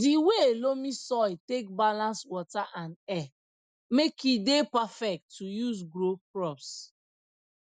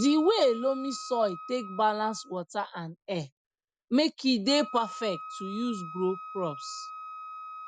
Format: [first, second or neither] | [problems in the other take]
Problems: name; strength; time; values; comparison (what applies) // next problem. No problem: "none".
first | background sound (Wind instrument, woodwind instrument); 14 dB below the speech